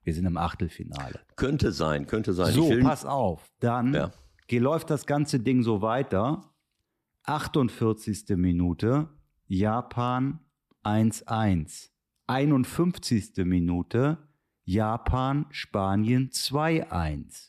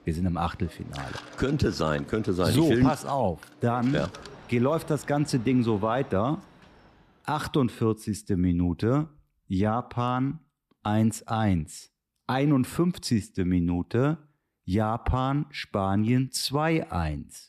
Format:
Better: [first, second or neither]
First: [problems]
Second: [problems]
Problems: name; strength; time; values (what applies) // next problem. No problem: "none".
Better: first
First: none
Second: machinery noise; noticeable; until 7 s; 20 dB below the speech